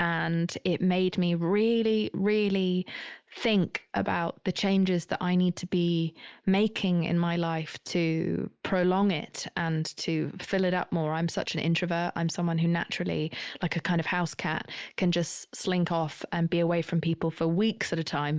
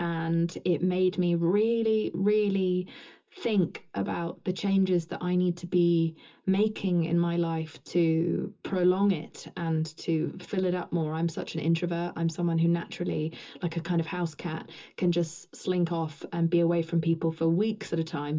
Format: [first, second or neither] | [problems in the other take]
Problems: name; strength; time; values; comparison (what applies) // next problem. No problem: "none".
first | room echo; dies away in 0.2 s